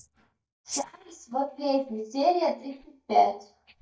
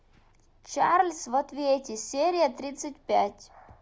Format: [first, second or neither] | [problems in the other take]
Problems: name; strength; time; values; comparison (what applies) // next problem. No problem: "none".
second | noise reduction (neural mask model DeepFilterNet 3)